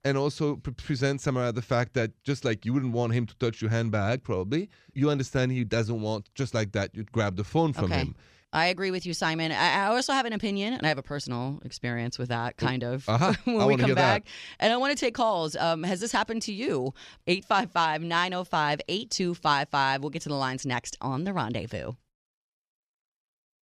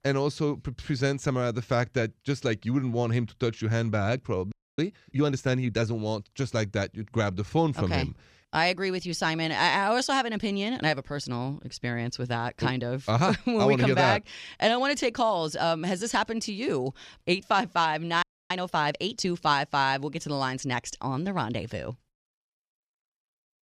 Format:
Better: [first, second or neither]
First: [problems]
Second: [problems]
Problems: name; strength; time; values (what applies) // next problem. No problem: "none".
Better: first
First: none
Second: audio freezing; at 4.5 s and at 18 s